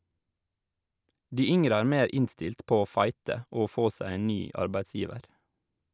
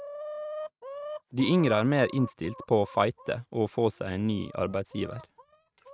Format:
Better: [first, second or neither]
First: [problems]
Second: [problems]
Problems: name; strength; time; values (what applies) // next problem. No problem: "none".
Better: first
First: none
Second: noise reduction (neural mask model RNNoise)